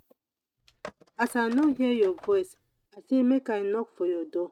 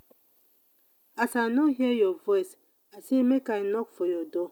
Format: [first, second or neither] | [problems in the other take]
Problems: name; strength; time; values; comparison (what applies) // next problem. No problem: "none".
second | noise reduction (neural mask model RNNoise)